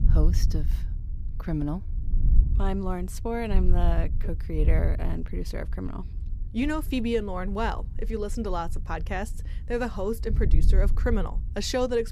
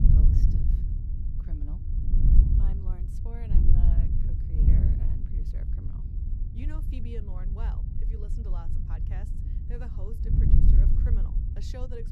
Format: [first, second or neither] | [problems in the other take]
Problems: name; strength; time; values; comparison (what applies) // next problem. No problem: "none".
first | wind noise on the microphone; heavy; 5 dB above the speech; occasional gusts in the first